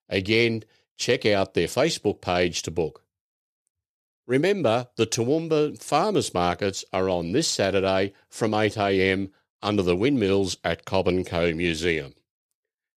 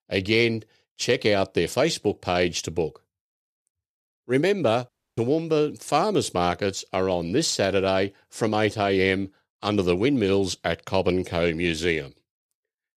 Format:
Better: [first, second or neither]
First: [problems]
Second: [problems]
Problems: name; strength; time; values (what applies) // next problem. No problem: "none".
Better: first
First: none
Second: audio cutting out; at 5 s